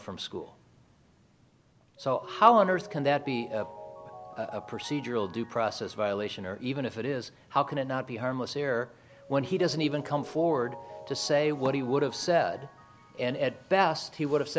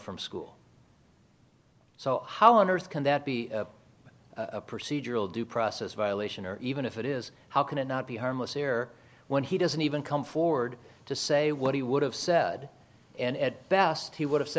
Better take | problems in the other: second | background sound (Mallet percussion); 18 dB below the speech

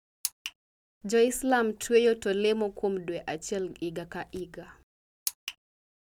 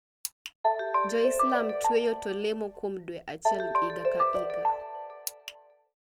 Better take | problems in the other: first | background sound (Ringtone); 4 dB above the speech

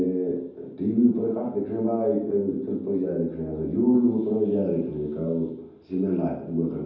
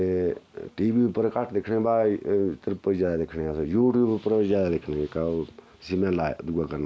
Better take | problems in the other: second | room echo; dies away in 0.9 s

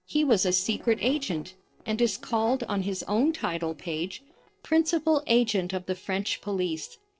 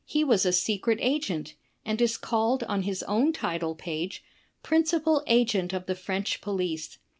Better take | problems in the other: second | noise reduction (neural separator model SepFormer DNS4)

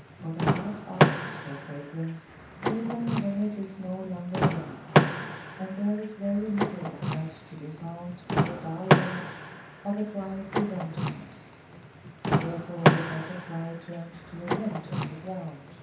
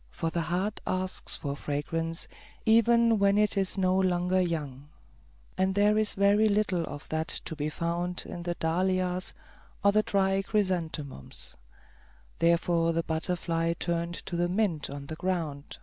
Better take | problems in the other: second | background sound (Door / Car); 5 dB above the speech // room echo; dies away in 0.7 s

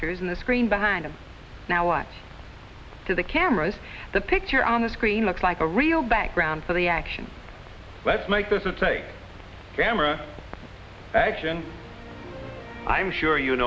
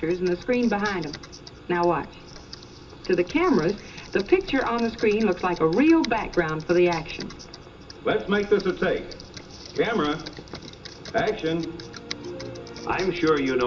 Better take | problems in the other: first | background sound (Computer keyboard); 19 dB below the speech // room echo; dies away in 0.2 s

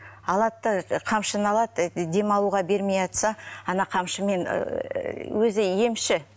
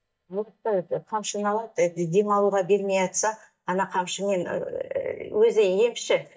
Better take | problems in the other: first | noise reduction (neural mask model DeepFilterNet 3)

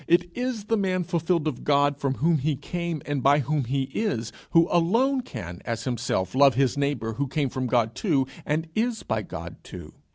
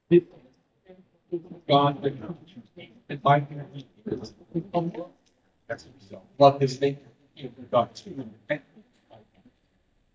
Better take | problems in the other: first | noise reduction (neural mask model DeepFilterNet 3)

